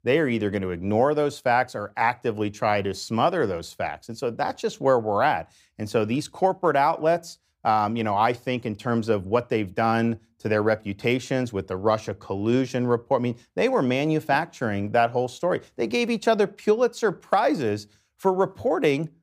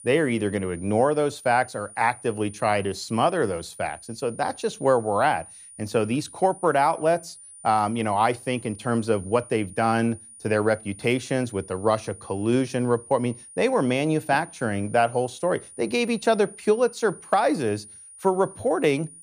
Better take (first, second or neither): first